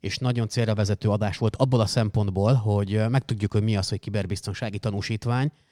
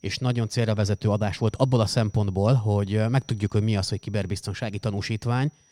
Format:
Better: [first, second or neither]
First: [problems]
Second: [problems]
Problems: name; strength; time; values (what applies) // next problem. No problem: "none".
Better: first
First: none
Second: high-pitched whine; faint; throughout; 6 kHz, 35 dB below the speech